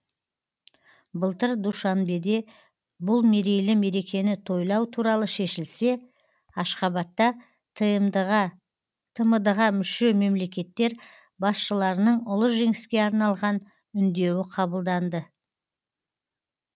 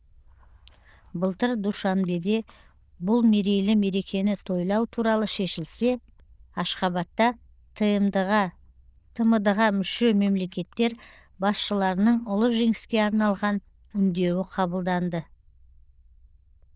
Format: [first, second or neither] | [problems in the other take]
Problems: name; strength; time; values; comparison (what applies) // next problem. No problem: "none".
first | noise reduction (neural diffusion model UNIVERSE++)